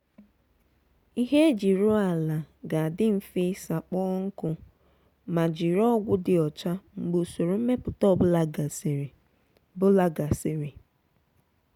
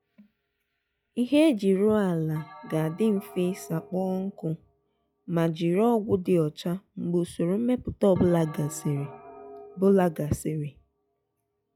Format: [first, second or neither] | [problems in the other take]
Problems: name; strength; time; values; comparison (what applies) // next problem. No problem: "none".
first | noise reduction (classical method log-MMSE)